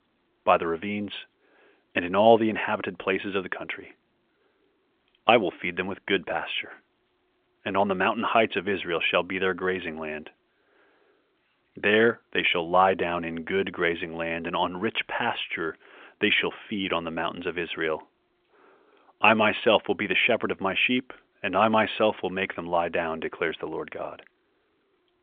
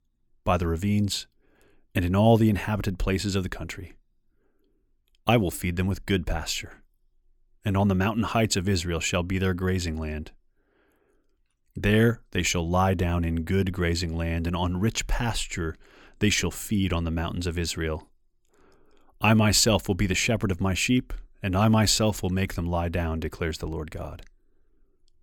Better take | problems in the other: second | phone-call audio; nothing above 3.5 kHz

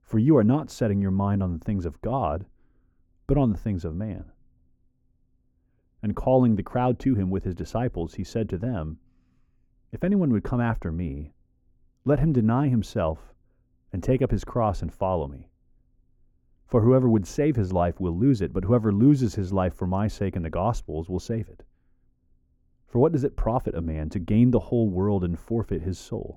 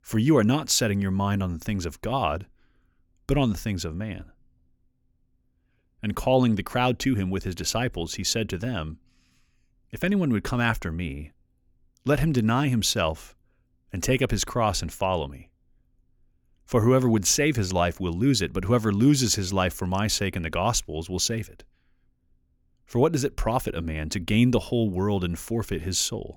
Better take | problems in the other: second | muffled; very; fading above 1.5 kHz

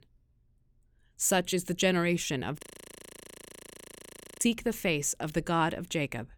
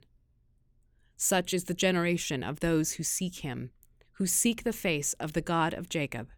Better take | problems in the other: second | audio freezing; at 2.5 s for 2 s

